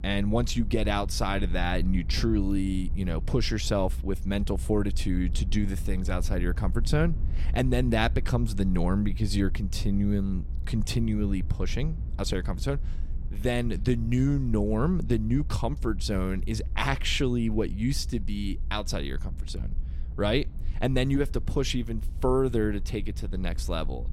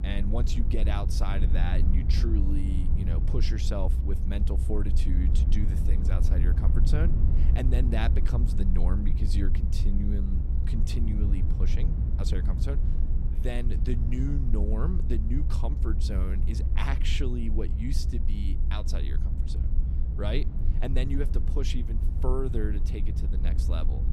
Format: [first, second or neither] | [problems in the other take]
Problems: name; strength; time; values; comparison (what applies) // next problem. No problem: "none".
first | low rumble; loud; throughout; 6 dB below the speech; faint in the first